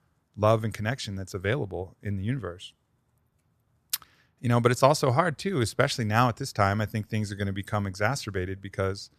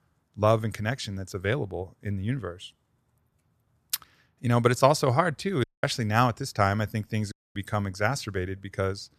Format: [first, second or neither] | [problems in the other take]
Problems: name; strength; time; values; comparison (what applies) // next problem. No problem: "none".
first | audio cutting out; at 5.5 s and at 7.5 s